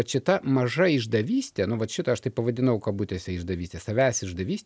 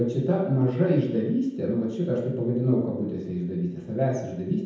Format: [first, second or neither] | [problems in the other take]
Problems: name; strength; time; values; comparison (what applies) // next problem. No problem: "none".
first | room echo; dies away in 0.9 s